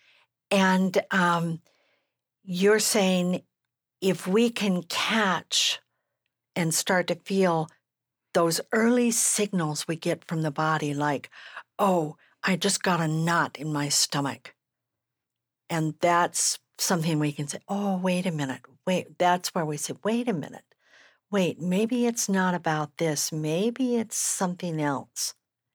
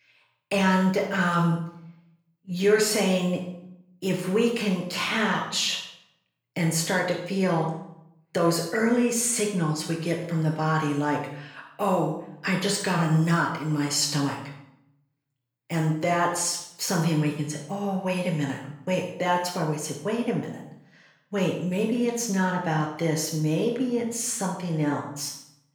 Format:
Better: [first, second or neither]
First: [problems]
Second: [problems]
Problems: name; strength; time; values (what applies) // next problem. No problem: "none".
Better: first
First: none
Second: off-mic speech; far // room echo; noticeable; dies away in 0.6 s